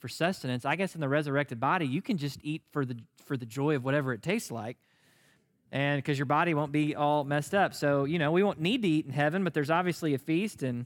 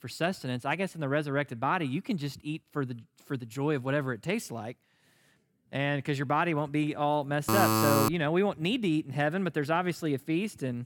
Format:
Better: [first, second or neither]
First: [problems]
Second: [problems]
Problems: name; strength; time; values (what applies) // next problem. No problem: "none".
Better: first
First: none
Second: alarm; loud; at 7.5 s; peak 5 dB above the speech